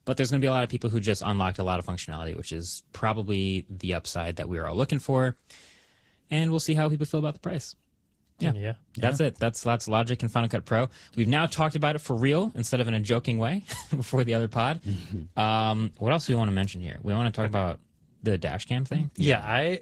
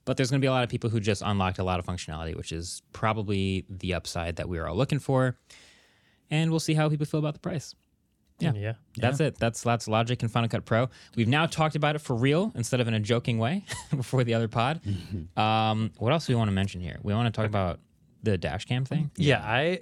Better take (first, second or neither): second